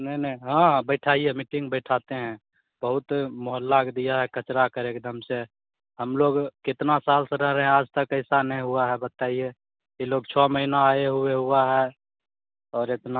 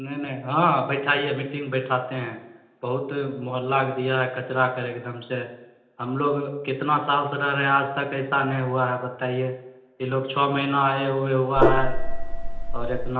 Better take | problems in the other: first | background sound (Gong); 5 dB above the speech // room echo; dies away in 0.8 s

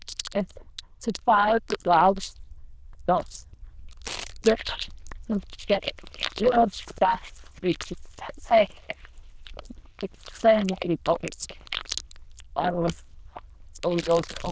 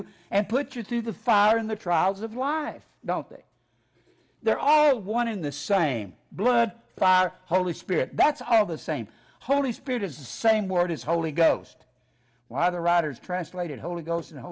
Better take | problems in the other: second | noise reduction (neural diffusion model UNIVERSE++)

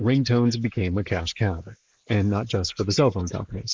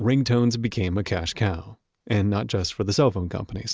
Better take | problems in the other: second | noise reduction (neural mask model Resemble Enhance denoiser)

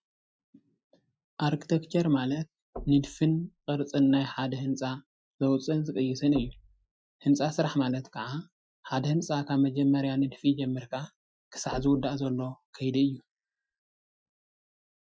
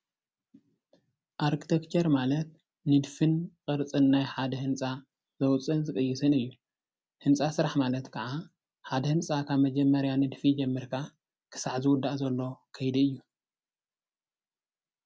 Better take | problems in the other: second | noise reduction (classical method Wiener filter)

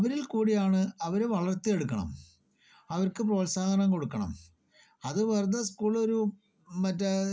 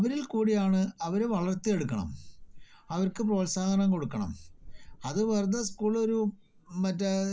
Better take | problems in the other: first | background sound (Thunder / Wind / Bird vocalization, bird call, bird song); 18 dB below the speech

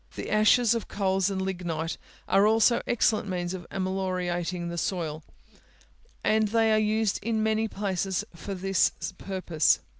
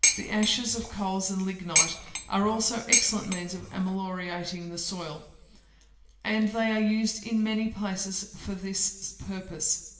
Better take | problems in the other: first | background sound (Dishes, pots, and pans); 2 dB above the speech // room echo; dies away in 0.8 s

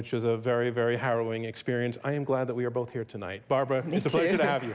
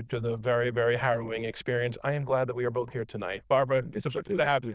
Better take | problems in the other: first | noise reduction (neural diffusion model UNIVERSE++)

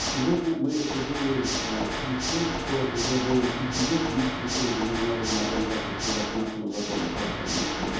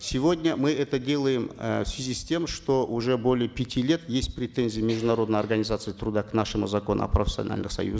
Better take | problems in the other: second | background sound (Water / Mechanisms); 2 dB below the speech // room echo; dies away in 0.8 s

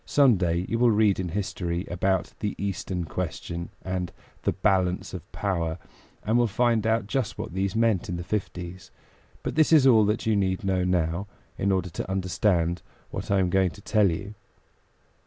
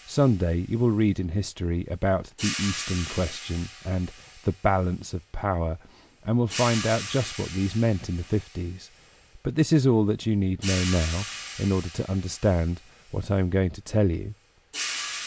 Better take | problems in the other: first | background sound (Hi-hat); 13 dB below the speech

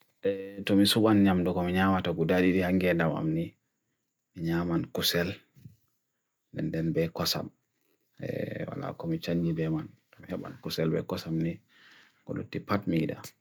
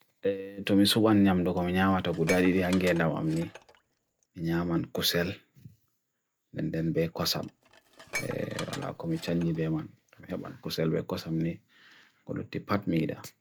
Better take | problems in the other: first | background sound (Dishes, pots, and pans); 15 dB below the speech

